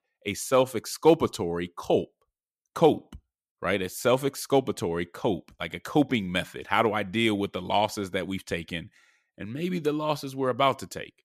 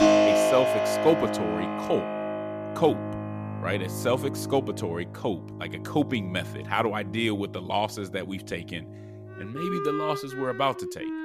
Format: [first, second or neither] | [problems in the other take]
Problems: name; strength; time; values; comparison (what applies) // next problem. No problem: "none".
first | background music; loud; throughout; 1 dB below the speech